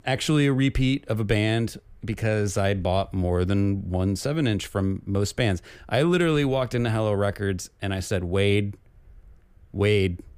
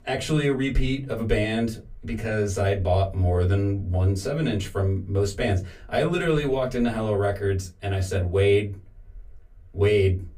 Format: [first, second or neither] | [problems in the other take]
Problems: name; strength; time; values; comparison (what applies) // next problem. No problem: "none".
first | off-mic speech; far // room echo; very slight; dies away in 0.2 s